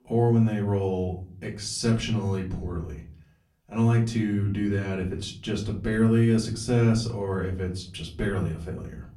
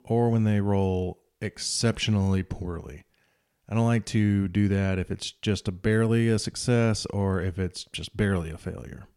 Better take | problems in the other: second | off-mic speech; far // room echo; very slight; dies away in 0.5 s

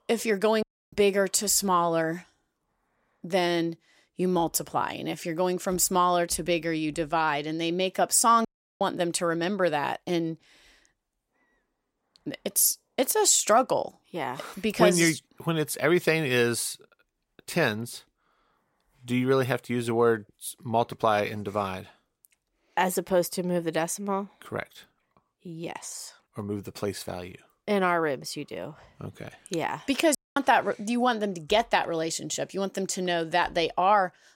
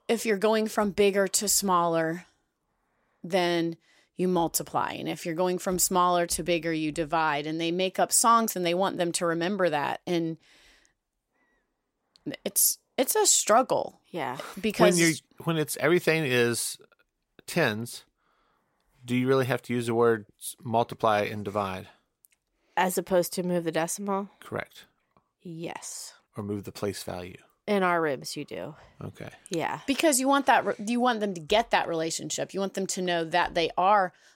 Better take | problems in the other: second | audio cutting out; at 0.5 s, at 8.5 s and at 30 s

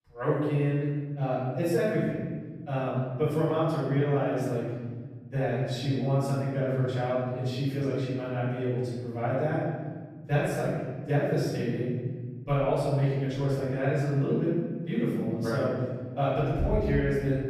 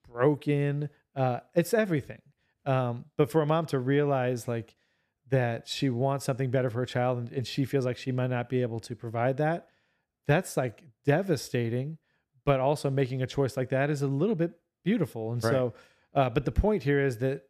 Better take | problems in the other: second | off-mic speech; far // room echo; strong; dies away in 1.8 s

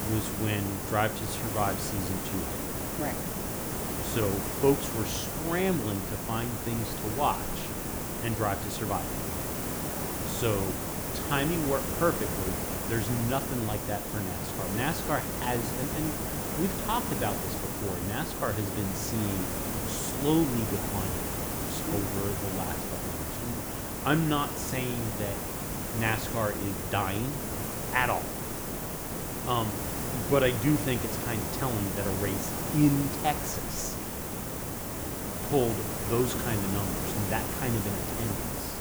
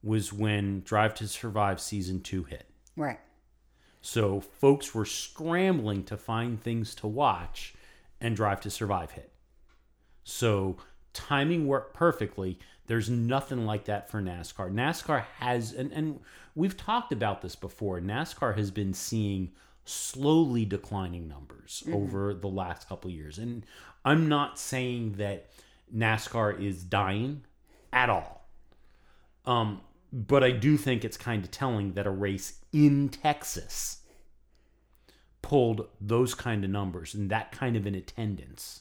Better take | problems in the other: second | hiss; loud; throughout; 1 dB below the speech

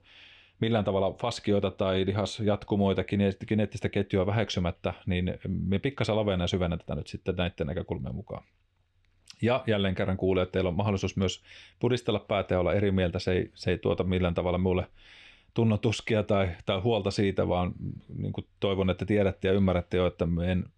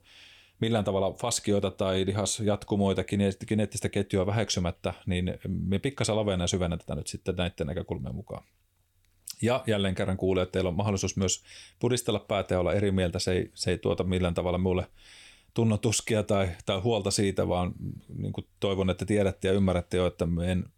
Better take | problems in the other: second | muffled; slightly; fading above 3 kHz

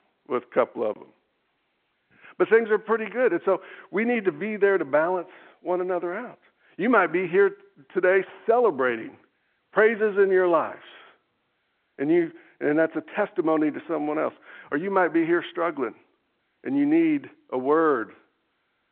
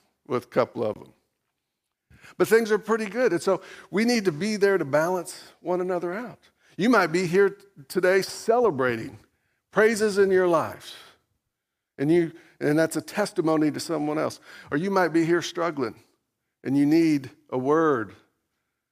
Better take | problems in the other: second | phone-call audio

